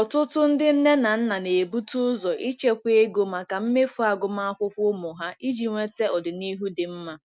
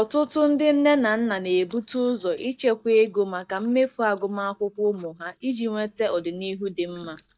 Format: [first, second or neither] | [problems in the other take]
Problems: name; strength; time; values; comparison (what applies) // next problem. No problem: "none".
first | noise reduction (neural mask model DeepFilterNet 3)